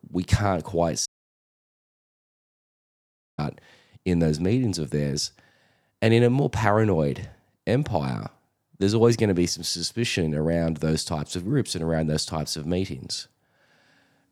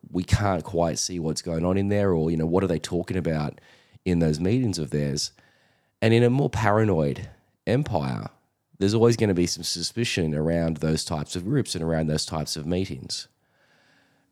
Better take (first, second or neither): second